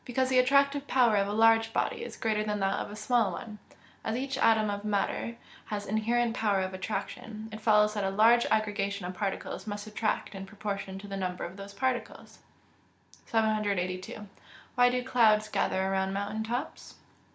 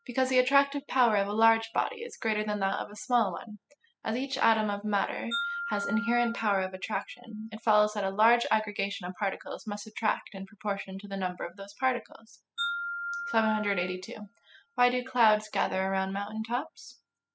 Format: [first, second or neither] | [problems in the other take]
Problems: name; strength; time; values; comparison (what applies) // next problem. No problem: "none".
first | noise reduction (classical method spectral subtraction)